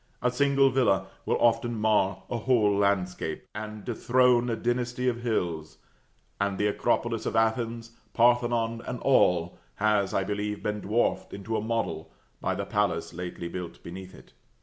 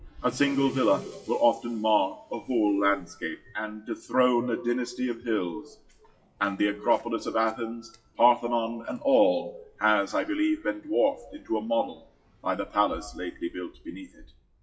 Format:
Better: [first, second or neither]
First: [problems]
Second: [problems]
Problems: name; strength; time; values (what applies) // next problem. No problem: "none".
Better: first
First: none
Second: noise reduction (classical method WPE with log-MMSE)